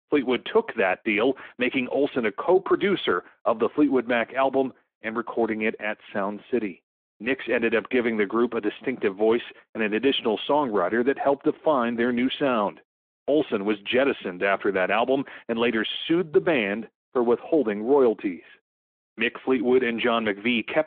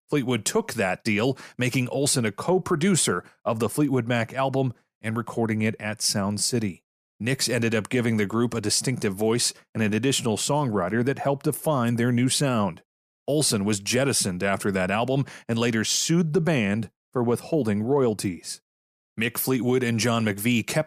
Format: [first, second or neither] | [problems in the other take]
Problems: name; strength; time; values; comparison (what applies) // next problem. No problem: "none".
second | phone-call audio; nothing above 3.5 kHz